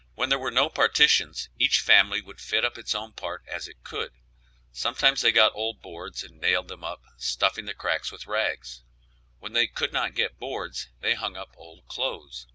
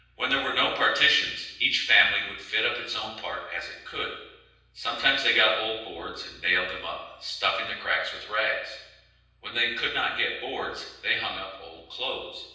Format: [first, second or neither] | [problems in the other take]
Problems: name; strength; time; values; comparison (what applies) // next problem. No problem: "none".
first | room echo; dies away in 0.9 s